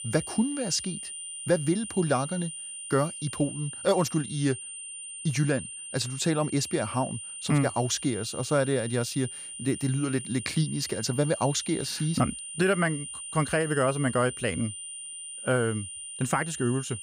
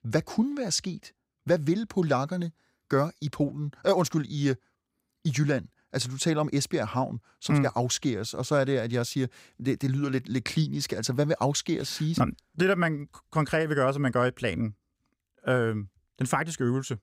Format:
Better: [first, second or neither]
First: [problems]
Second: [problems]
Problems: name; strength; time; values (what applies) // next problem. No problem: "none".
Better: second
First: high-pitched whine; loud; throughout; 9 kHz, 8 dB below the speech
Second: none